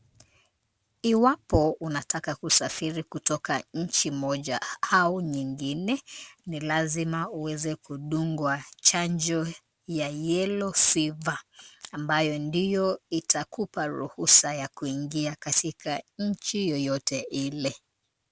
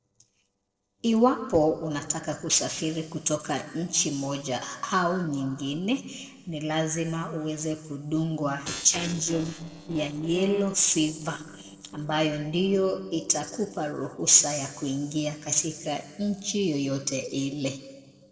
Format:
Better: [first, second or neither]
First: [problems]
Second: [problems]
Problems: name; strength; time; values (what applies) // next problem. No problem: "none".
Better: first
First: none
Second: noise reduction (neural separator model SepFormer DNS4)